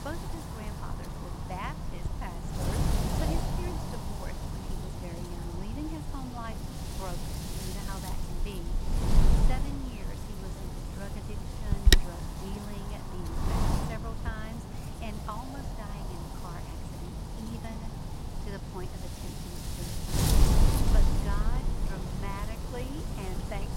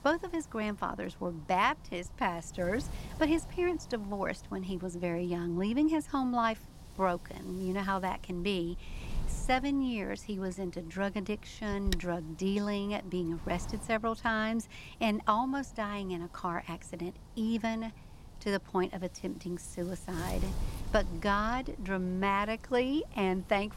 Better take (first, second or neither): second